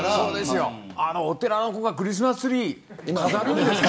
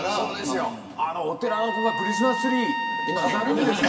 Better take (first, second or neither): first